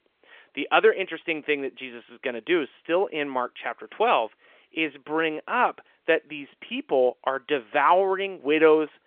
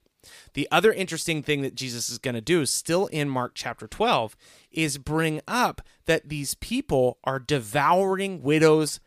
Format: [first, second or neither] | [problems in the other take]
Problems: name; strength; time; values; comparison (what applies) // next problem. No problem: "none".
second | phone-call audio; nothing above 3.5 kHz